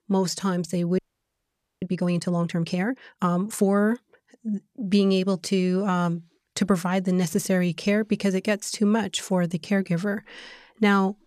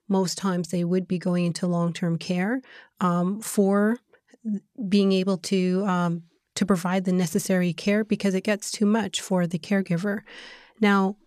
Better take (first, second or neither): second